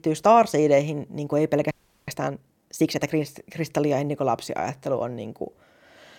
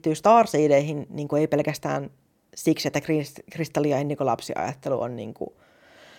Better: second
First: audio freezing; at 1.5 s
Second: none

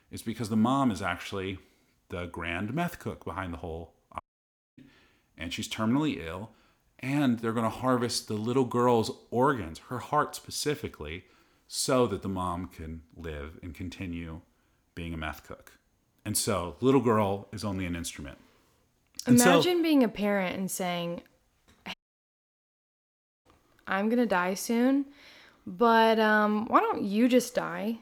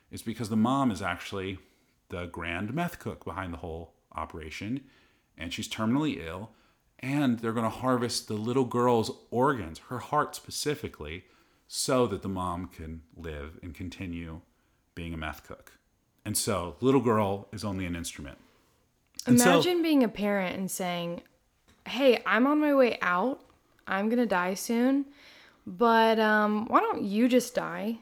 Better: second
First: audio cutting out; at 4 s for 0.5 s and at 22 s for 1.5 s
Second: none

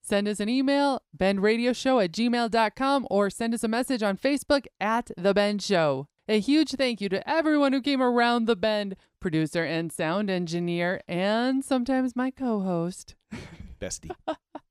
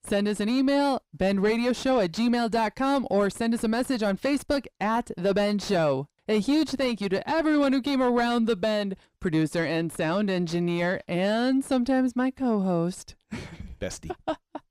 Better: first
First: none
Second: distortion; slight; 10 dB below the speech

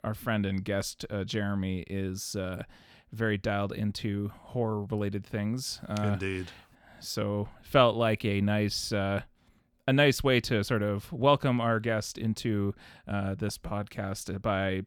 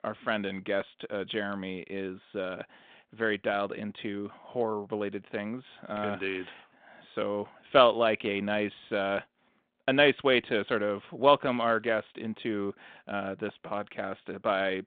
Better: first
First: none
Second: phone-call audio

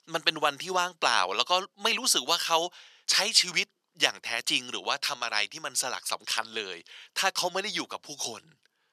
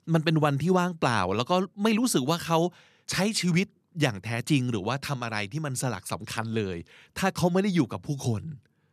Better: second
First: thin; very; fading below 700 Hz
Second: none

